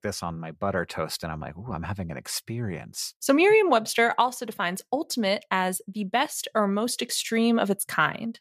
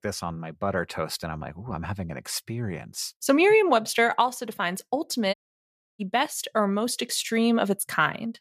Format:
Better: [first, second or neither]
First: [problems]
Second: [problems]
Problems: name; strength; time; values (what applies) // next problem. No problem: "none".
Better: first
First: none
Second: audio cutting out; at 5.5 s for 0.5 s